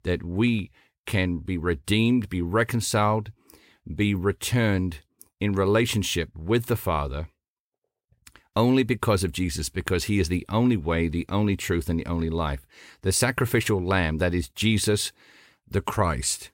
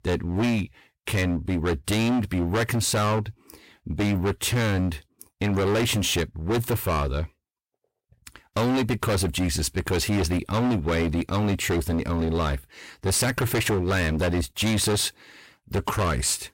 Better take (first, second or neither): first